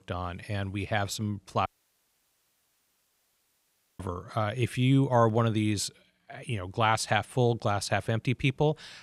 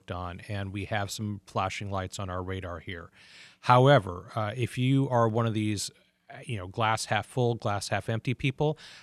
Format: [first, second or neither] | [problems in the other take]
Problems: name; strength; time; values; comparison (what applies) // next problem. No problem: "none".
second | audio cutting out; at 1.5 s for 2.5 s